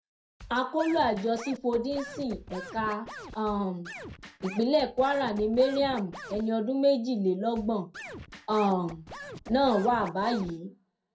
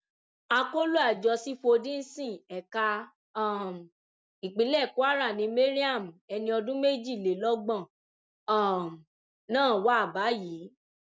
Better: second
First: background sound (Scratching (performance technique)); 15 dB below the speech // room echo; dies away in 0.2 s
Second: none

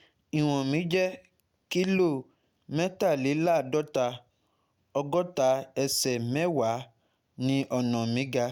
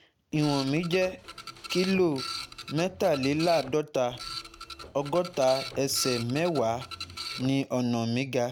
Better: first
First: none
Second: background sound (Printer); 12 dB below the speech

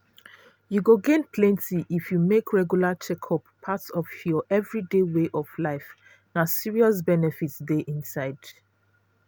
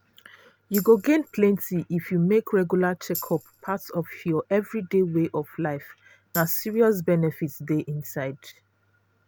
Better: first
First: none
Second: background sound (Tambourine); 16 dB below the speech

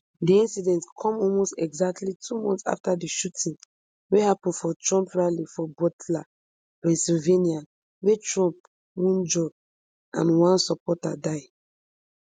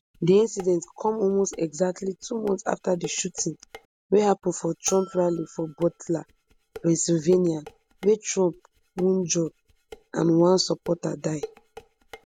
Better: first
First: none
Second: background sound (Dishes, pots, and pans + Bell); 20 dB below the speech

